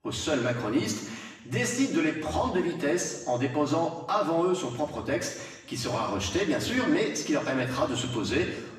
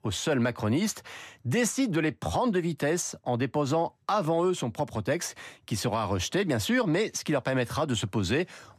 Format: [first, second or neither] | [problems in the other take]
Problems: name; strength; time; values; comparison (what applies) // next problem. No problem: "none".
second | room echo; noticeable; dies away in 1 s // off-mic speech; far